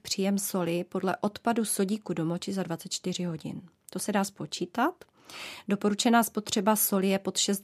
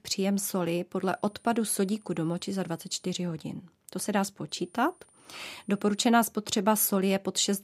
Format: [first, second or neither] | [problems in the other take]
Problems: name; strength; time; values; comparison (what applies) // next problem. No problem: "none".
first | high-pitched whine; faint; from 1 to 3 s and from 4.5 to 6 s; 9.5 kHz, 30 dB below the speech